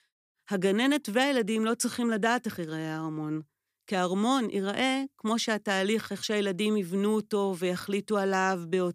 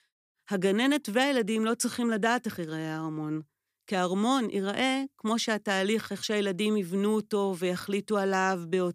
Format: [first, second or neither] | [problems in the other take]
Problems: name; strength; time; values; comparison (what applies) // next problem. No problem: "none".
neither | none